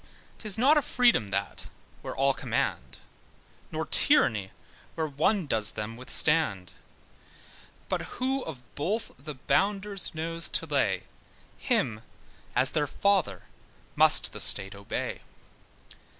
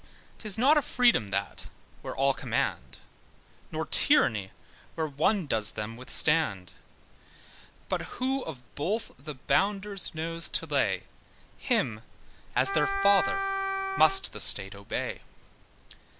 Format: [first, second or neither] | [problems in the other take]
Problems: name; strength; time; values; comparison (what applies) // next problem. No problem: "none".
first | background sound (Wind instrument, woodwind instrument); 1 dB below the speech